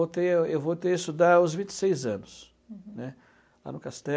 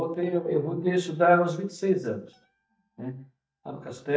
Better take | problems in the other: first | noise reduction (neural mask model DeepFilterNet 3)

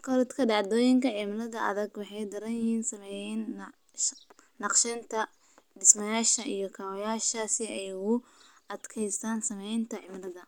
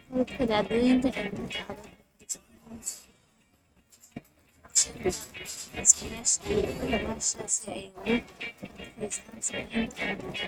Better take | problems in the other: first | noise reduction (neural mask model RNNoise)

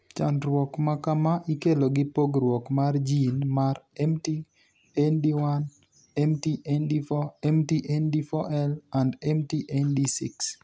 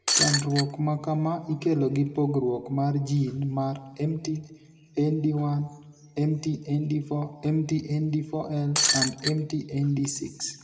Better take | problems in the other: first | background sound (Shatter); 2 dB above the speech // room echo; dies away in 1.1 s

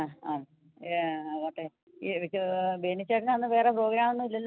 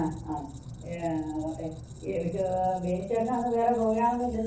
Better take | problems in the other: first | background sound (Squeak); 14 dB below the speech // room echo; dies away in 0.6 s

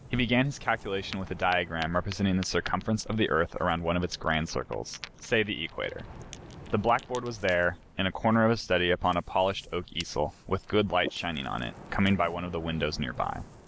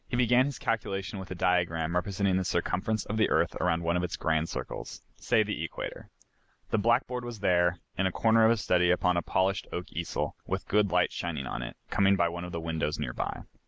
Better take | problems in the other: second | background sound (Ocean); 18 dB below the speech

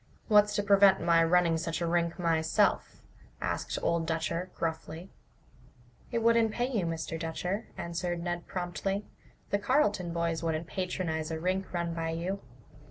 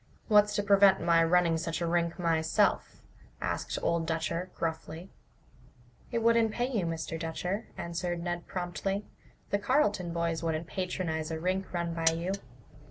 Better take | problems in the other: first | background sound (Mechanisms); 7 dB below the speech

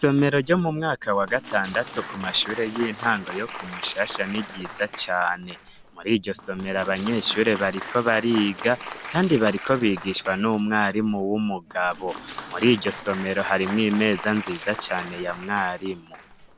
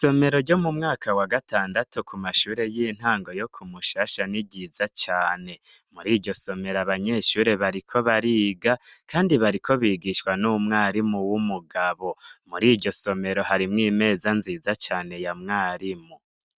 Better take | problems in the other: second | background sound (Applause); 14 dB below the speech

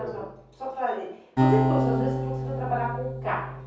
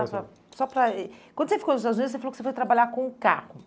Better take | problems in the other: second | background sound (Acoustic guitar); 3 dB above the speech // room echo; dies away in 0.6 s

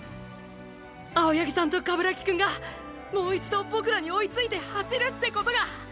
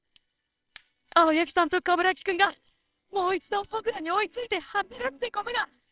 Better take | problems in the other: first | noise reduction (neural separator model SepFormer WHAMR!)

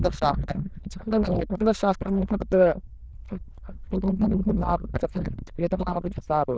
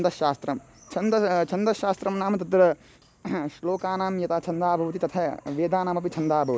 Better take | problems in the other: second | noise reduction (neural diffusion model UNIVERSE++)

